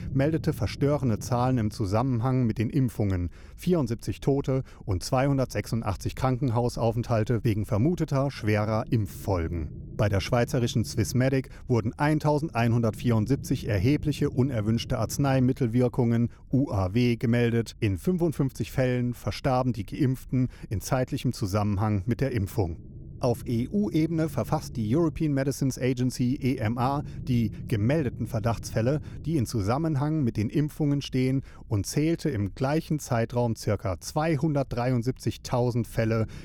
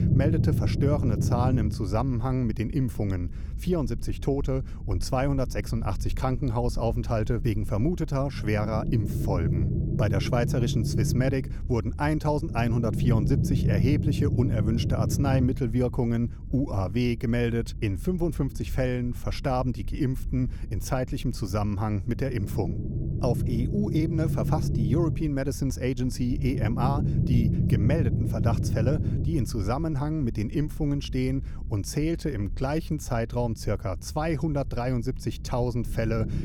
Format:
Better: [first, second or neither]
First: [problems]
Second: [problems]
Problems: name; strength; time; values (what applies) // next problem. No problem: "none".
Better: first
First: low rumble; faint; throughout; 20 dB below the speech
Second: low rumble; loud; throughout; 7 dB below the speech